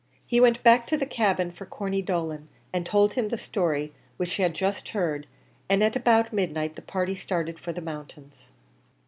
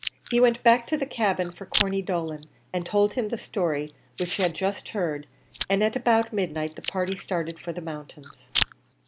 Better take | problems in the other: first | background sound (Chewing, mastication); 11 dB below the speech

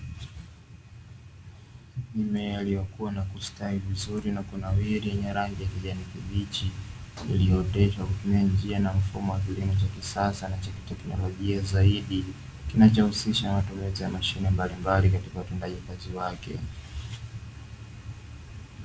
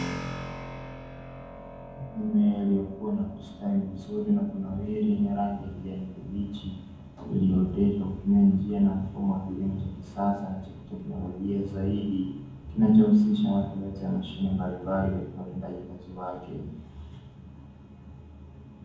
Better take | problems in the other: first | background sound (Keyboard (musical)); 18 dB below the speech // room echo; dies away in 1.2 s

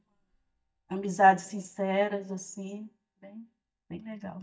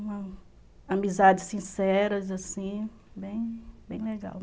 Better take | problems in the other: second | noise reduction (neural mask model DeepFilterNet 3)

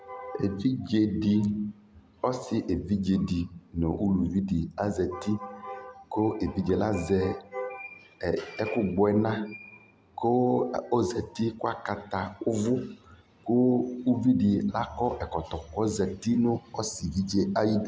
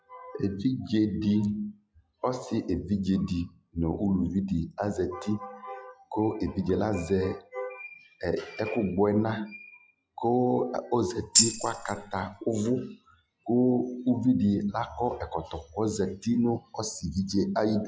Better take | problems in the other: first | noise reduction (classical method log-MMSE)

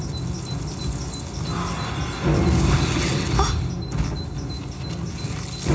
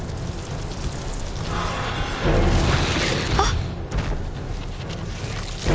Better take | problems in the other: second | background sound (Bird vocalization, bird call, bird song); 19 dB below the speech // room echo; dies away in 0.4 s

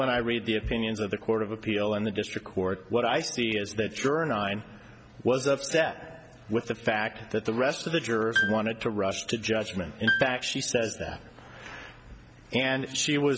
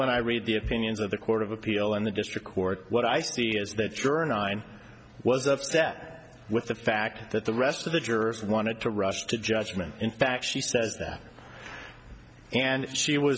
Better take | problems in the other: second | background sound (Piano); 5 dB below the speech

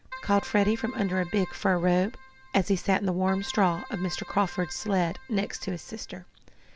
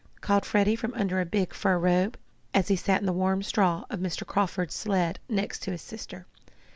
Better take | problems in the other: second | background sound (Keyboard (musical)); 17 dB below the speech

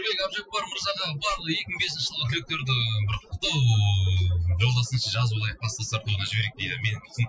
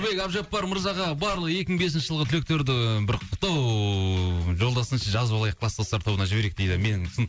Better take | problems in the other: second | noise reduction (classical method Wiener filter)

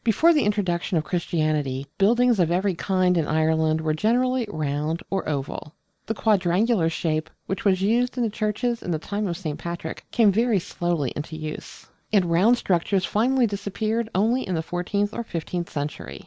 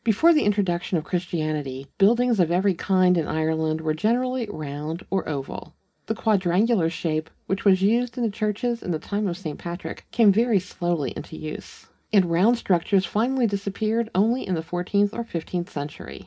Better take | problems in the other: first | room echo; dies away in 0.3 s

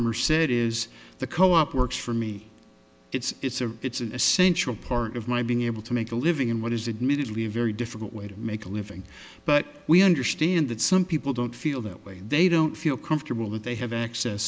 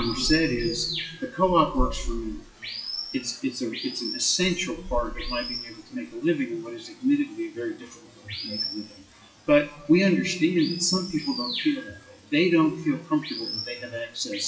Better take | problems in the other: first | noise reduction (classical method WPE with log-MMSE)

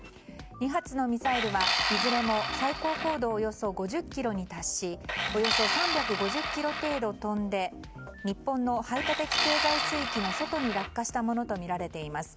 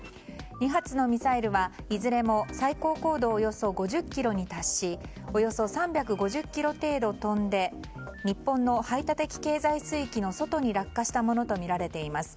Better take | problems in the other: second | background sound (Tools); 1 dB below the speech

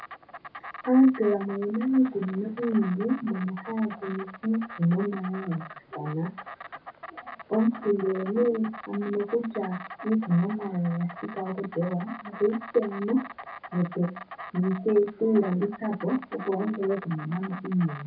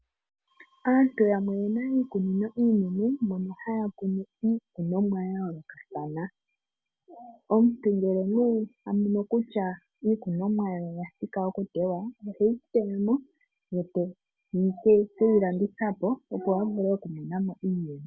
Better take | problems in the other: second | background sound (Insect); 15 dB below the speech // room echo; dies away in 0.3 s

